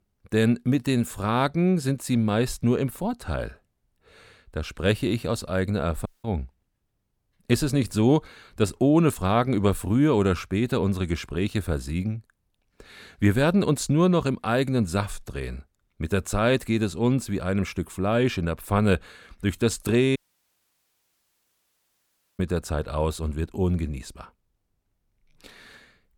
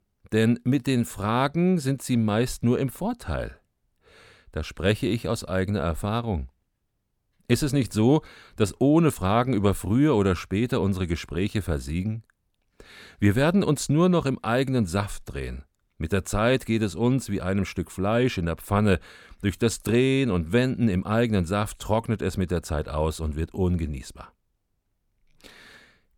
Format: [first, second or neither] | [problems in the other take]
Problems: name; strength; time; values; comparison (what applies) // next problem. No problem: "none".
second | audio cutting out; at 6 s and at 20 s for 2 s